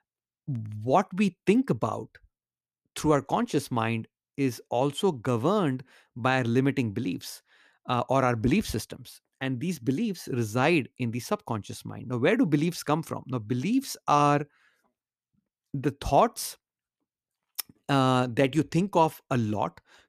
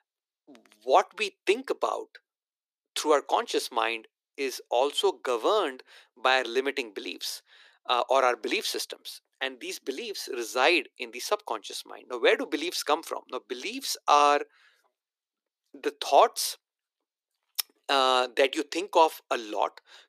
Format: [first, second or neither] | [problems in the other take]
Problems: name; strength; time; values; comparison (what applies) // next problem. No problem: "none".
first | thin; very; fading below 350 Hz